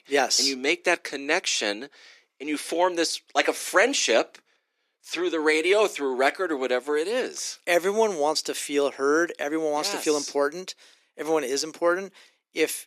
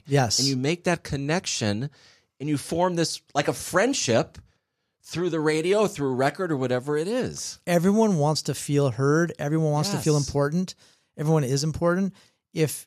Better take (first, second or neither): second